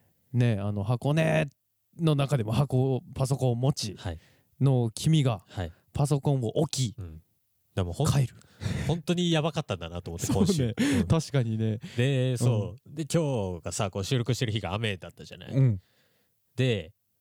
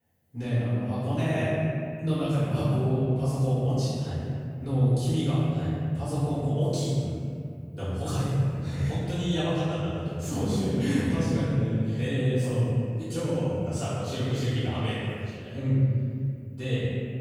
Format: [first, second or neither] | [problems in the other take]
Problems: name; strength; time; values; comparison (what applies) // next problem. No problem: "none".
first | room echo; strong; dies away in 2.3 s // off-mic speech; far